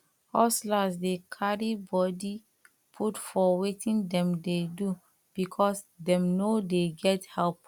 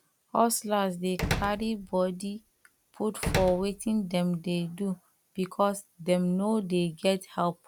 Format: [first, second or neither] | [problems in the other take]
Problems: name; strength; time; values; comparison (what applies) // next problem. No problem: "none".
first | background sound (Slam); 8 dB below the speech